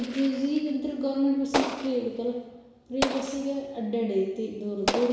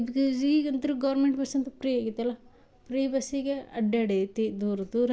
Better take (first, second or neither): second